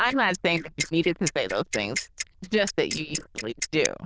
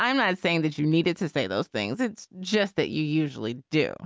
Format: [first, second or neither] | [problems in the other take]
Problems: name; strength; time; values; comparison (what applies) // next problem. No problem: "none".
second | noise reduction (neural diffusion model UNIVERSE++)